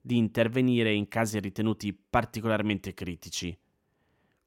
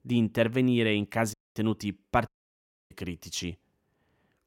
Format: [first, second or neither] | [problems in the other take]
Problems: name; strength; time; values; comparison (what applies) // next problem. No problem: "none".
first | audio cutting out; at 1.5 s and at 2.5 s for 0.5 s